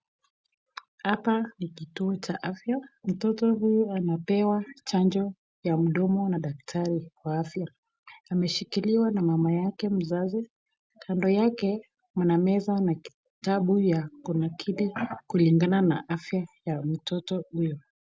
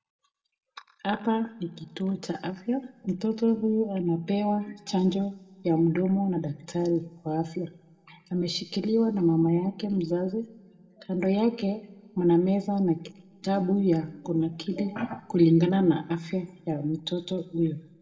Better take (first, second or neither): first